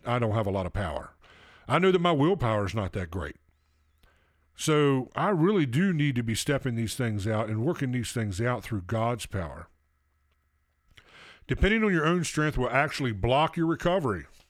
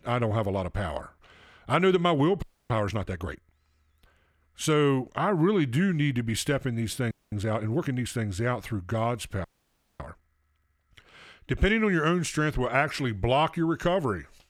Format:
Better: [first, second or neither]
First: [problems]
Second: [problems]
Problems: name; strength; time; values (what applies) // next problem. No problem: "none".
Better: first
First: none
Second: audio freezing; at 2.5 s, at 7 s and at 9.5 s for 0.5 s